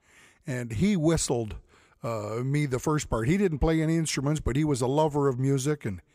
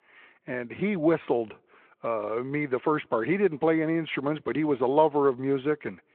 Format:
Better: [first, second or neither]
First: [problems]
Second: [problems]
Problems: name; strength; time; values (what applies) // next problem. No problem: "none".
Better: first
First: none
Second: phone-call audio